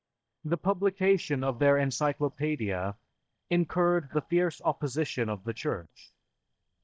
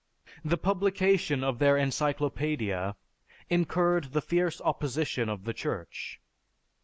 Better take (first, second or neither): second